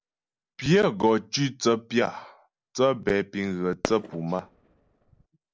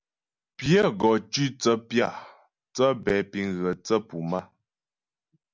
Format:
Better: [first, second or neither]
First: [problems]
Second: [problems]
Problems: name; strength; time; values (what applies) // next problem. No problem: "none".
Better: second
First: noise reduction (neural separator model SepFormer DNS4)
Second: none